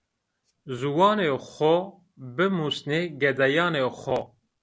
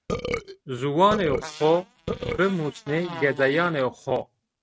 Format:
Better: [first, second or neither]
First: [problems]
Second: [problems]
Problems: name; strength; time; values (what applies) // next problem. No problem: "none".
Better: first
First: none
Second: noise reduction (neural mask model RNNoise)